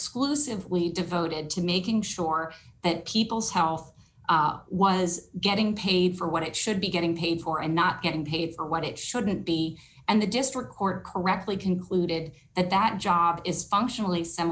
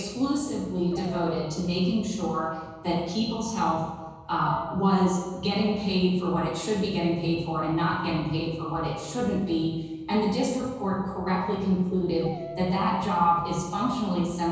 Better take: first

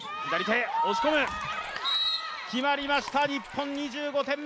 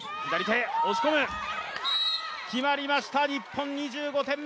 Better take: second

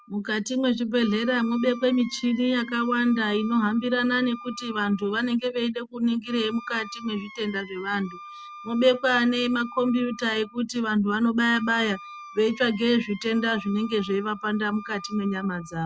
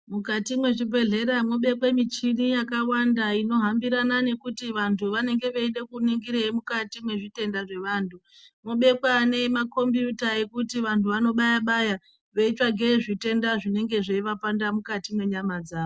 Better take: second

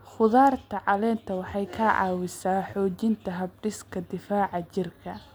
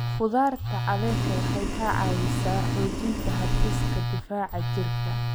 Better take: first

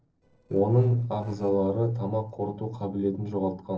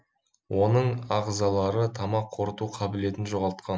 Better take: second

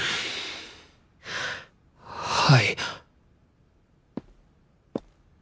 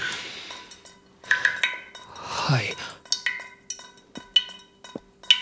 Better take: first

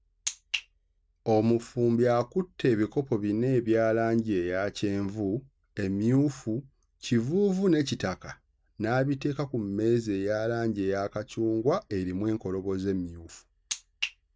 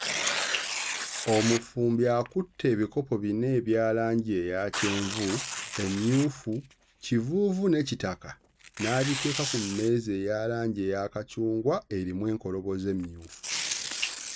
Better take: first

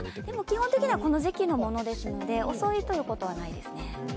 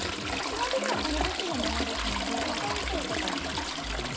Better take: first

